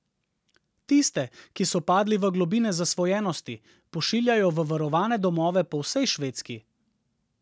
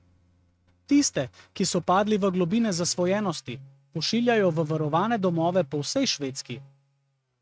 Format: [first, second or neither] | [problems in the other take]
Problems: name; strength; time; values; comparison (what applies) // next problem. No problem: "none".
first | noise reduction (neural mask model RNNoise)